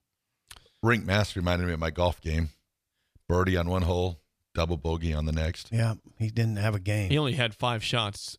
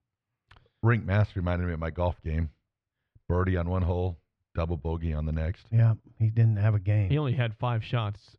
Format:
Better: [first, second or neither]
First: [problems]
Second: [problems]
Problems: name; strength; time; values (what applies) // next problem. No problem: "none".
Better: first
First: none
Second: muffled; very; fading above 2 kHz